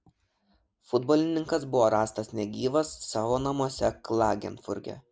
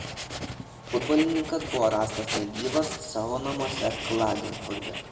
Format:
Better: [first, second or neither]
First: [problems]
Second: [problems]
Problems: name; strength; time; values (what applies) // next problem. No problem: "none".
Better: first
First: none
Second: background sound (Writing); 7 dB below the speech // room echo; dies away in 1.3 s